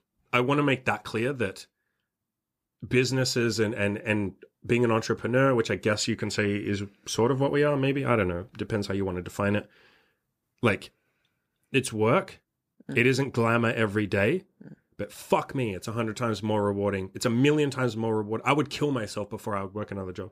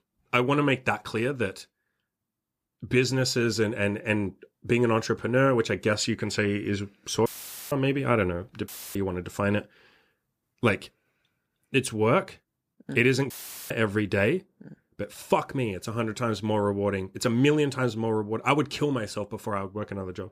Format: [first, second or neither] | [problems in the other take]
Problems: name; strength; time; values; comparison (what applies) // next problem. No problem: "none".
first | audio cutting out; filled with static; at 7.5 s, at 8.5 s and at 13 s